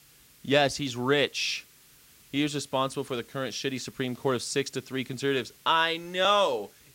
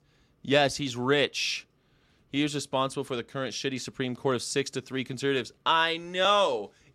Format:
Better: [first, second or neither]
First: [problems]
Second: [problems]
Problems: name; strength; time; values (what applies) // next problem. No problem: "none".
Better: second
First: hiss; faint; throughout; 25 dB below the speech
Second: none